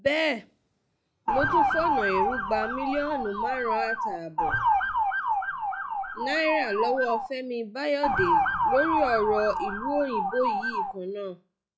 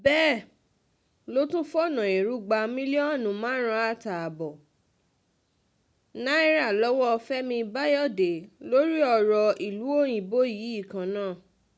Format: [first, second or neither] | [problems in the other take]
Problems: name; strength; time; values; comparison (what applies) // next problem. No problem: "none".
second | noise reduction (classical method log-MMSE)